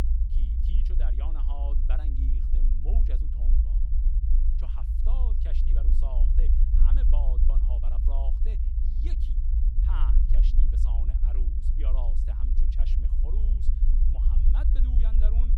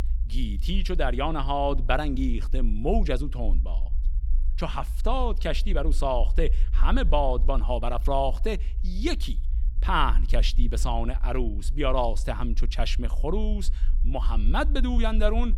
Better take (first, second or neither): second